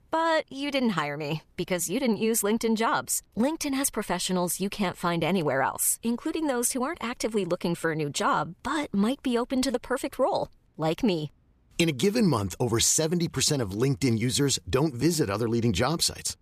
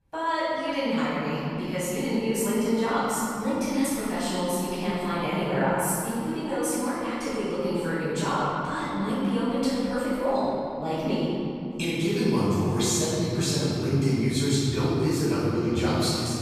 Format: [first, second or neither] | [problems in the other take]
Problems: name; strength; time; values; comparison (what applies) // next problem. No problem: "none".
first | off-mic speech; far // room echo; strong; dies away in 2.9 s